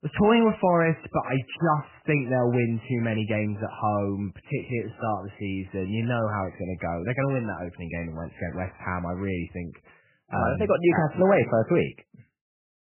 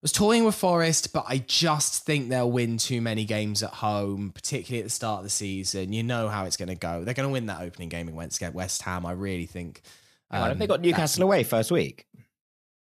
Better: second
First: garbled, watery; badly; nothing above 3 kHz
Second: none

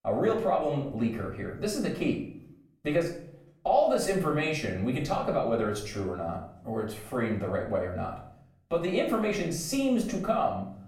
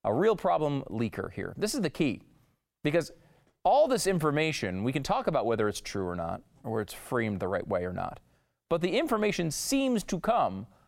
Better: second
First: room echo; slight; dies away in 0.5 s // off-mic speech; far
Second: none

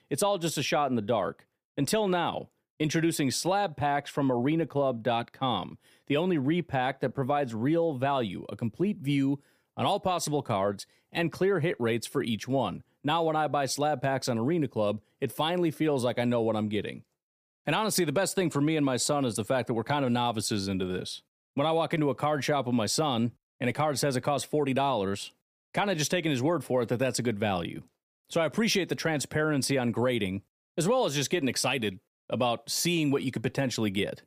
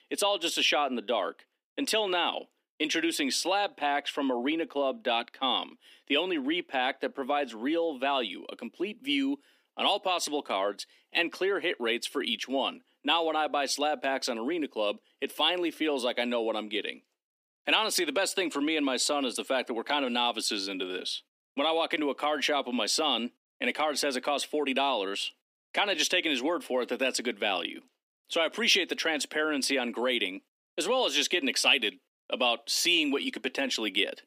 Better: first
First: none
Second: thin; very slightly; fading below 250 Hz

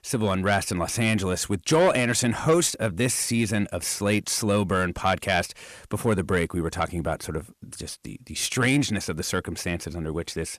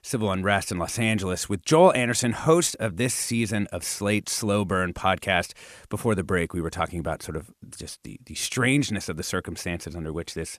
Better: second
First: distortion; slight; 10 dB below the speech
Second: none

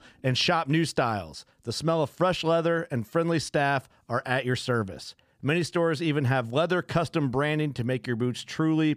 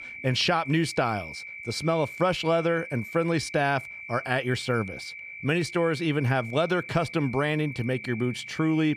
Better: first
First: none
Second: high-pitched whine; noticeable; throughout; 2.5 kHz, 10 dB below the speech

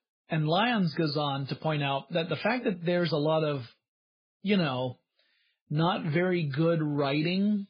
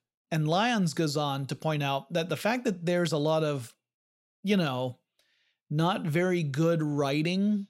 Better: second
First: garbled, watery; badly; nothing above 4 kHz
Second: none

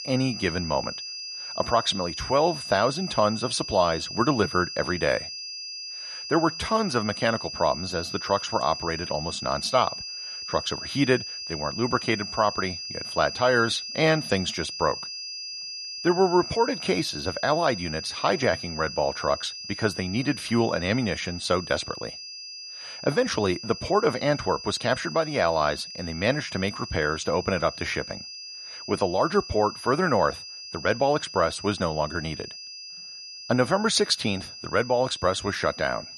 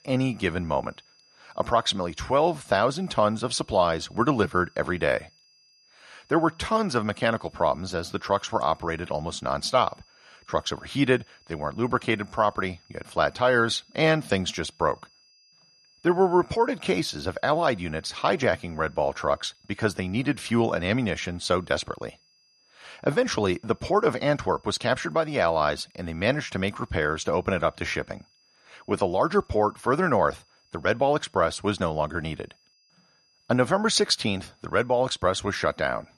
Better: second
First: high-pitched whine; loud; throughout; 5 kHz, 9 dB below the speech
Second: high-pitched whine; faint; throughout; 5 kHz, 35 dB below the speech

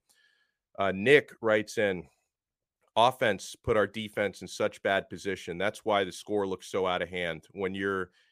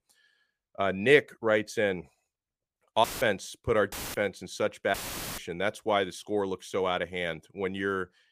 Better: first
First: none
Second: audio cutting out; filled with static; at 3 s, at 4 s and at 5 s

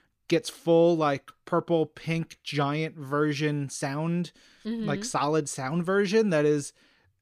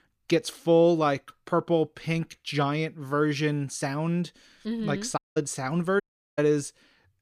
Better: first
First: none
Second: audio cutting out; at 5 s and at 6 s

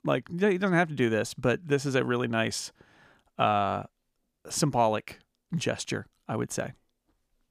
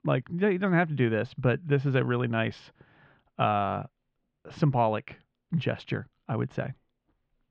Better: first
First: none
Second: muffled; very; fading above 3.5 kHz

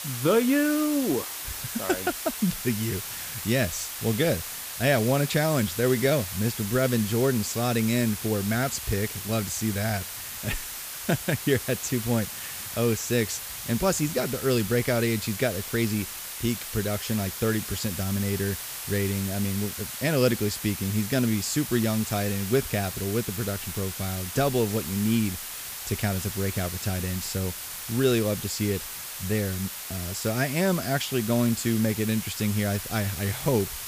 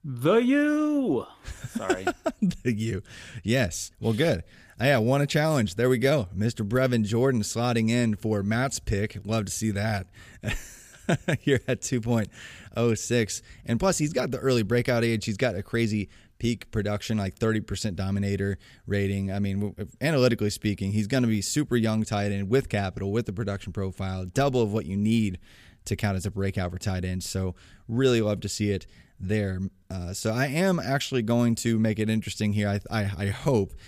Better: second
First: hiss; loud; throughout; 6 dB below the speech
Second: none

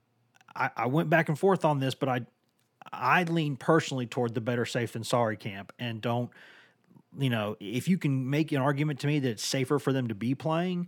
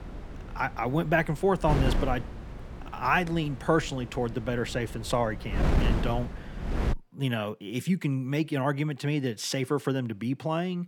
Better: first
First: none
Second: wind noise on the microphone; occasional gusts; until 7 s; 10 dB below the speech

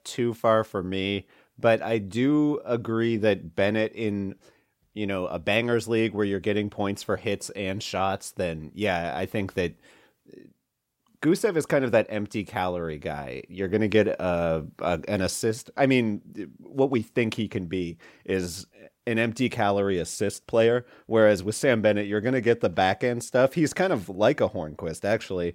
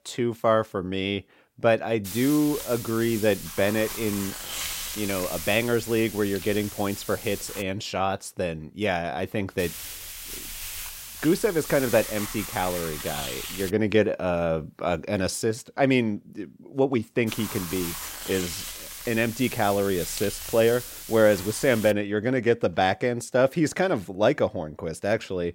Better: first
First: none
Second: hiss; loud; from 2 to 7.5 s, from 9.5 to 14 s and from 17 to 22 s; 9 dB below the speech

